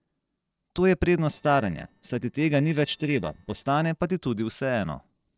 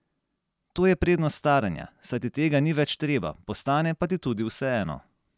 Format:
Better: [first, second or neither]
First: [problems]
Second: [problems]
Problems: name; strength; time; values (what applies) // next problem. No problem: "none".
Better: second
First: noise reduction (neural separator model SepFormer DNS4)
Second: none